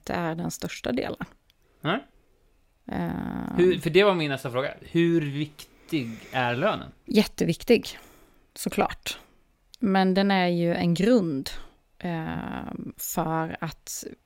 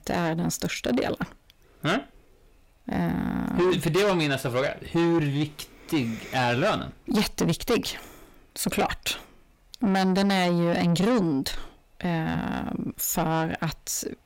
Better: first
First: none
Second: distortion; heavy; 6 dB below the speech

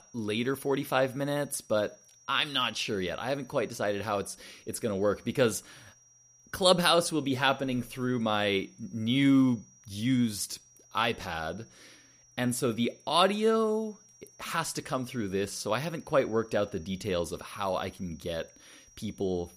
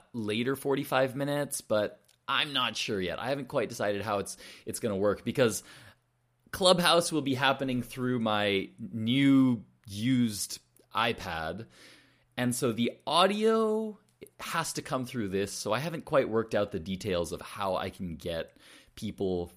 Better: second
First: high-pitched whine; faint; throughout; 5.5 kHz, 25 dB below the speech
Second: none

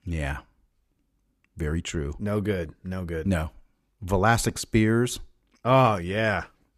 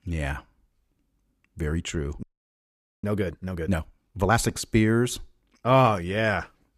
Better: first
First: none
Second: audio freezing; at 2 s for 1 s

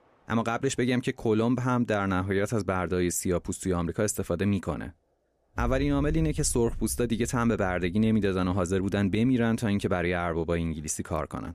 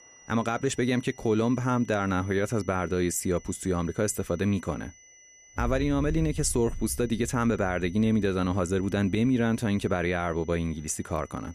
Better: first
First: none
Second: high-pitched whine; faint; throughout; 6 kHz, 25 dB below the speech

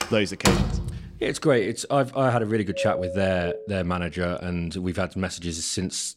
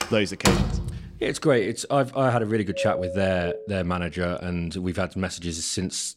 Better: neither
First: door banging; loud; at the start; peak 3 dB above the speech // doorbell; noticeable; at 2.5 s; peak 2 dB below the speech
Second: door banging; loud; at the start; peak 3 dB above the speech // doorbell; noticeable; at 2.5 s; peak 2 dB below the speech

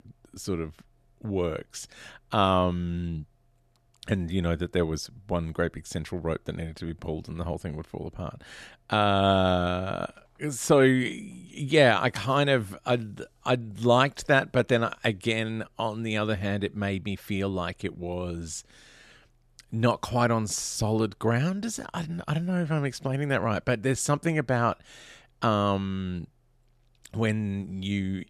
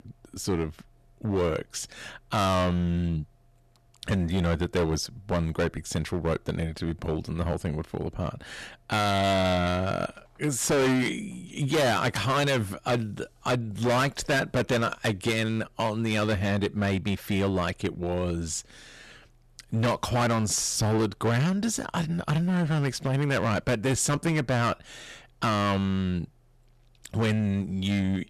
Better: first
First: none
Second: distortion; heavy; 13% of the sound clipped

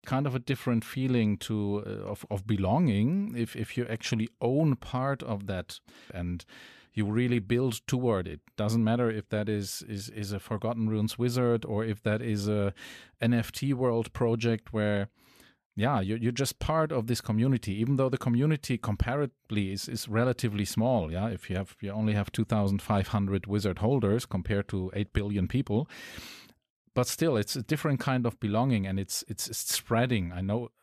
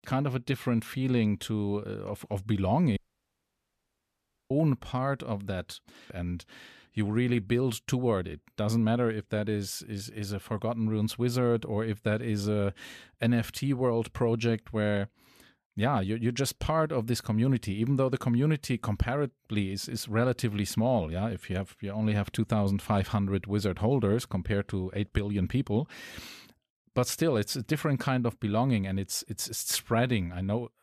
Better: first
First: none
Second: audio cutting out; at 3 s for 1.5 s

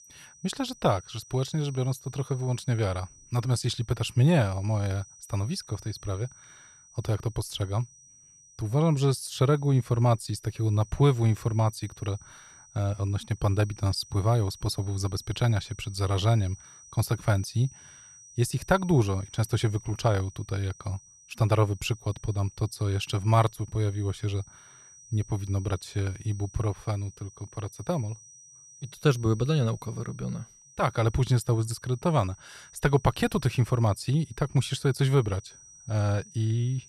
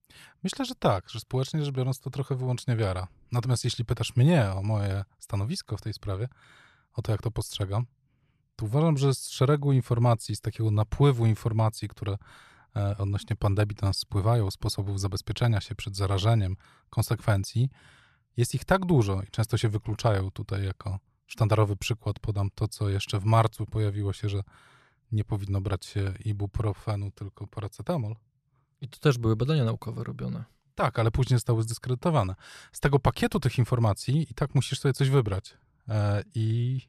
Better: second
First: high-pitched whine; faint; throughout; 6 kHz, 20 dB below the speech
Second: none

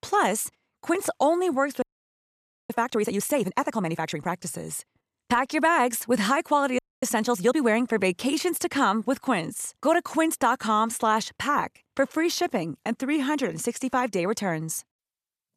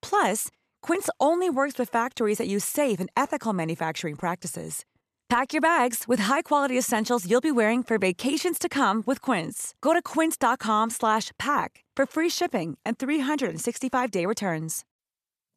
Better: second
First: audio freezing; at 2 s for 1 s and at 7 s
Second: none

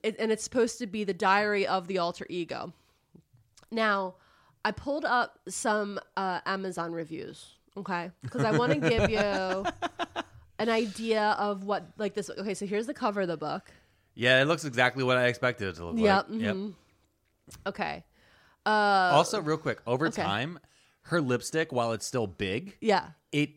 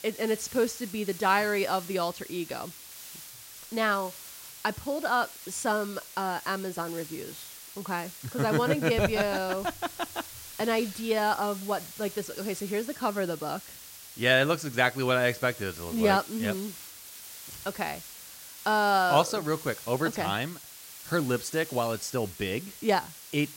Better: first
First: none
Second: hiss; noticeable; throughout; 15 dB below the speech

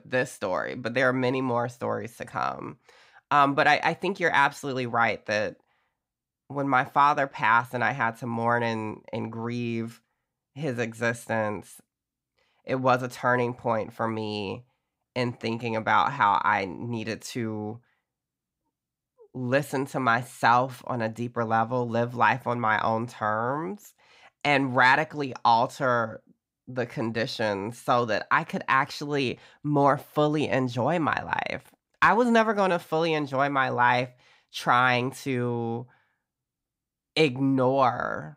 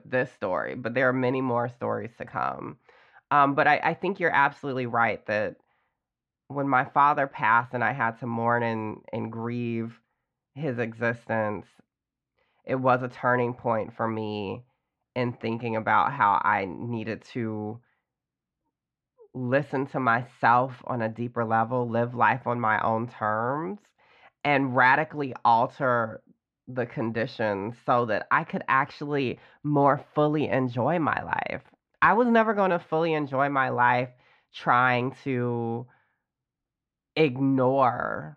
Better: first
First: none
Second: muffled; slightly; fading above 2.5 kHz

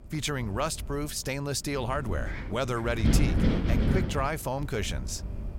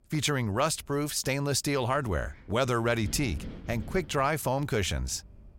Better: second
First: wind noise on the microphone; heavy; 4 dB below the speech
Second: wind noise on the microphone; occasional gusts; 25 dB below the speech

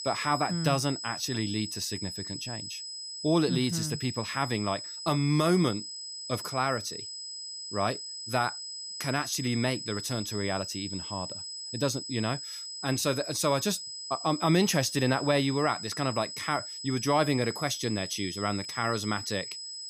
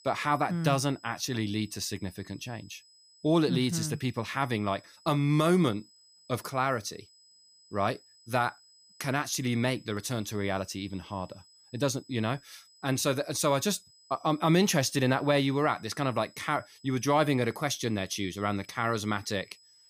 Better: second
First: high-pitched whine; loud; throughout; 5 kHz, 7 dB below the speech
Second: high-pitched whine; faint; throughout; 5 kHz, 25 dB below the speech

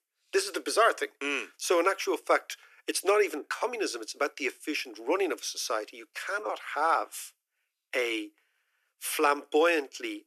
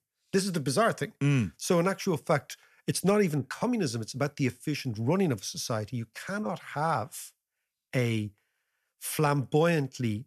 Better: second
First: thin; very; fading below 300 Hz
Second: none

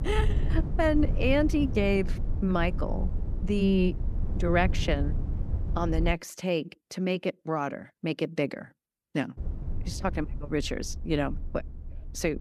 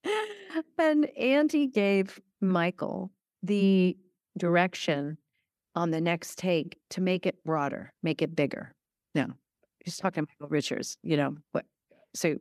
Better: second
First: low rumble; noticeable; until 6 s and from 9.5 s on; 15 dB below the speech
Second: none

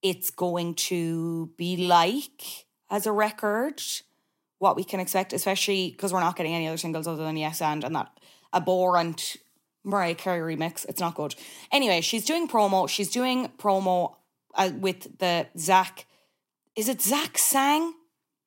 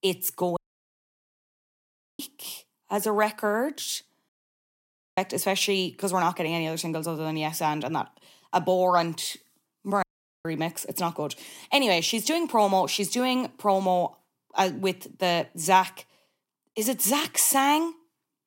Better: first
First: none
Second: audio cutting out; at 0.5 s for 1.5 s, at 4.5 s for 1 s and at 10 s

